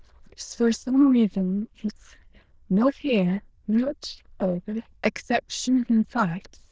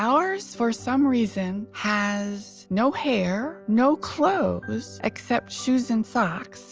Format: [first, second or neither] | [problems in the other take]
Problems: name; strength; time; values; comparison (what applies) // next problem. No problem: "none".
second | noise reduction (neural diffusion model UNIVERSE++)